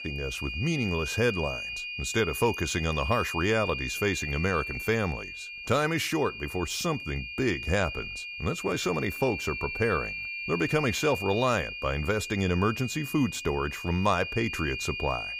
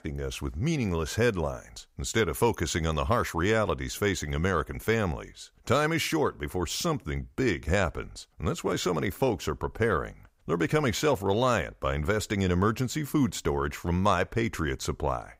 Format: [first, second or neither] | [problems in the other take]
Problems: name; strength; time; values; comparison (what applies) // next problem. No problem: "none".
second | high-pitched whine; loud; throughout; 2.5 kHz, 6 dB below the speech